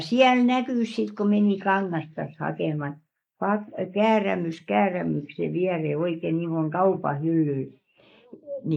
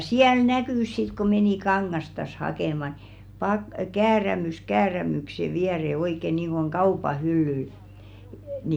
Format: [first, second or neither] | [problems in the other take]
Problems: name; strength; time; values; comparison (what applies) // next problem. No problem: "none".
second | noise reduction (neural mask model Resemble Enhance denoiser)